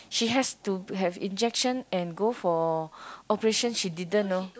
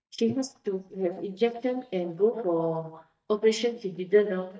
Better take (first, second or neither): first